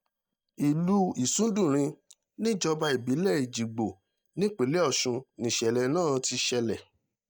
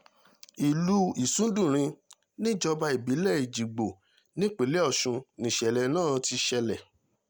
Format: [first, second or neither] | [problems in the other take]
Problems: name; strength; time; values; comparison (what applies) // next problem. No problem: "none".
second | noise reduction (neural mask model DeepFilterNet 3)